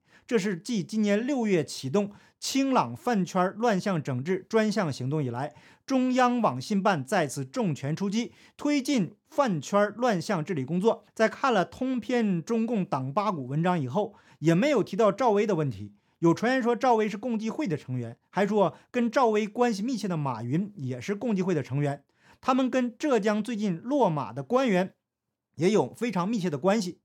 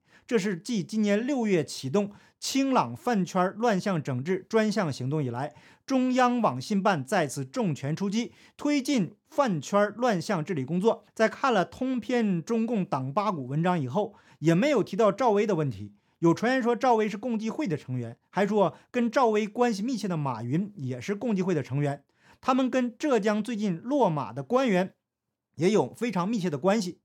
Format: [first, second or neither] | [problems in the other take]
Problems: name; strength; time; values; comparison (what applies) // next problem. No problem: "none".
neither | none